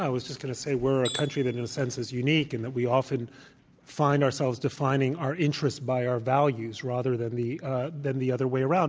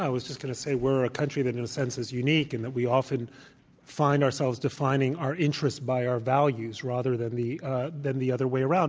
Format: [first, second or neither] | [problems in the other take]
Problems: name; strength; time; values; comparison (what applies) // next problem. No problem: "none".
second | background sound (Tools); 17 dB below the speech